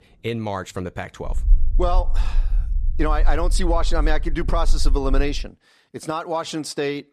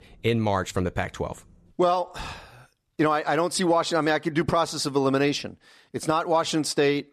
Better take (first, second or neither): second